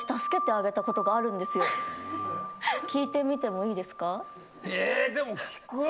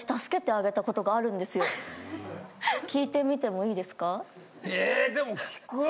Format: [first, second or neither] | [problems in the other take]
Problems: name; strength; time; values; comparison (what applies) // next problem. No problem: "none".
second | background sound (Wind chime); 6 dB below the speech